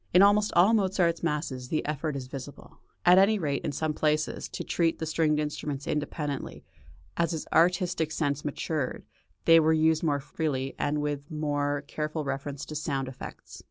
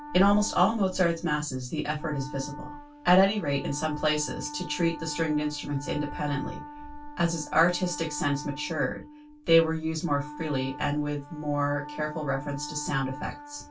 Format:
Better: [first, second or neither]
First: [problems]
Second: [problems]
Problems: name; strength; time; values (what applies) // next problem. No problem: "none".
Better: first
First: none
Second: background sound (Wind instrument, woodwind instrument); 14 dB below the speech // room echo; dies away in 0.2 s